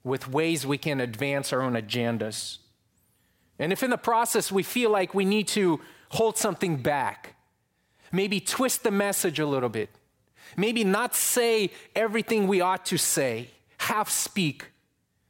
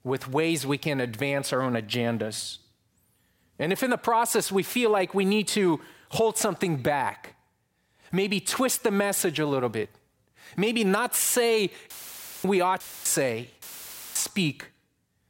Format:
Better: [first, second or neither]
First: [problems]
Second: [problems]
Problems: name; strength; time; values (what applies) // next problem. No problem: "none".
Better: first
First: none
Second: audio cutting out; filled with static; at 12 s for 0.5 s, at 13 s and at 14 s for 0.5 s